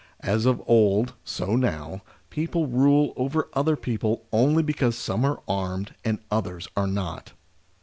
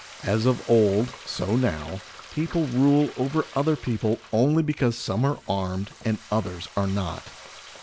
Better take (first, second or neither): first